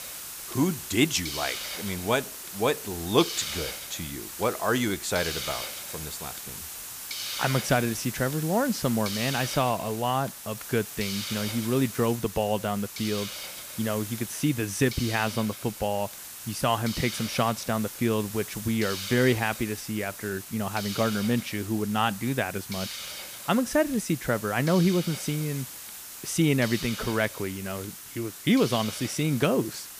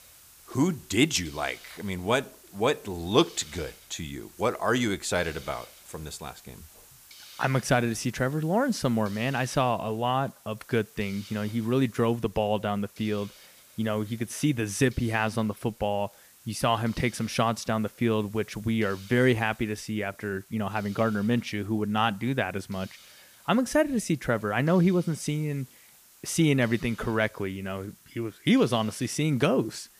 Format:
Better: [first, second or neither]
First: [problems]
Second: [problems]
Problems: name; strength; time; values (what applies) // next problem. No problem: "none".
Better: second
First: hiss; loud; throughout; 8 dB below the speech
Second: hiss; faint; throughout; 20 dB below the speech